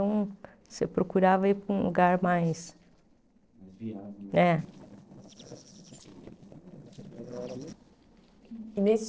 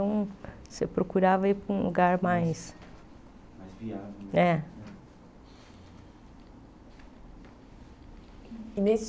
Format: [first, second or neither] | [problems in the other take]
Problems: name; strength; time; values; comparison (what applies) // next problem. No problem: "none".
second | noise reduction (neural separator model SepFormer DNS4)